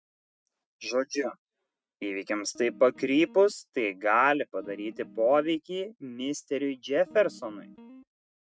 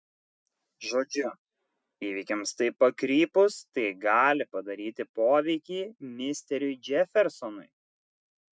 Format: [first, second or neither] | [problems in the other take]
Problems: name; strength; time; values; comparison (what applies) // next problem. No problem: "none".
second | noise reduction (neural mask model RNNoise)